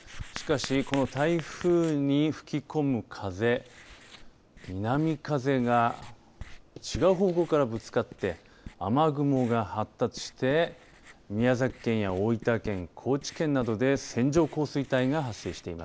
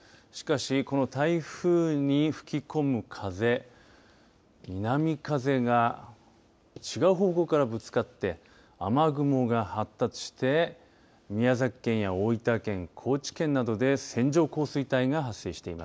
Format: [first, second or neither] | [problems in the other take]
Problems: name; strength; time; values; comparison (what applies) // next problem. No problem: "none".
second | background sound (Writing); 19 dB below the speech